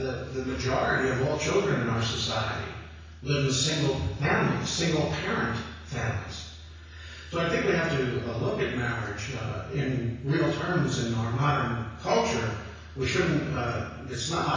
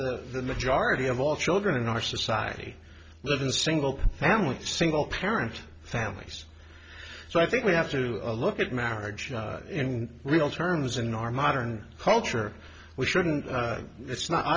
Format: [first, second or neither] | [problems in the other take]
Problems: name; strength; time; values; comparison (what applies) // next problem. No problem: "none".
second | room echo; dies away in 1.1 s